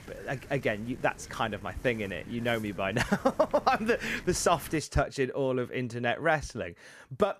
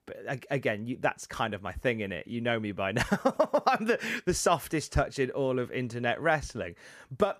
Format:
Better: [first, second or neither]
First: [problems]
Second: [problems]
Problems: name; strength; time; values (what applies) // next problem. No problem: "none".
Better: second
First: wind noise on the microphone; occasional gusts; until 5 s; 20 dB below the speech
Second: none